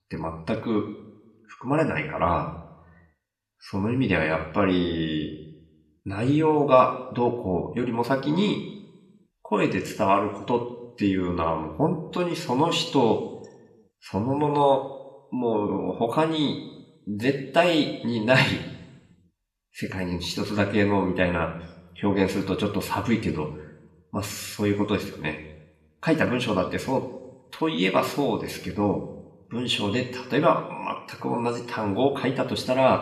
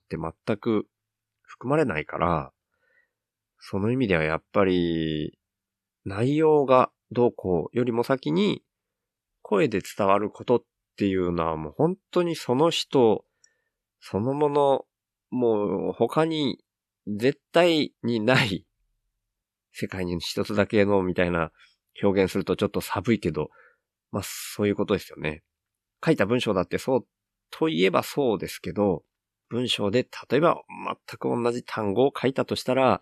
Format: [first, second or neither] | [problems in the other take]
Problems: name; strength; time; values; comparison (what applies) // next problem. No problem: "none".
second | room echo; slight; dies away in 0.7 s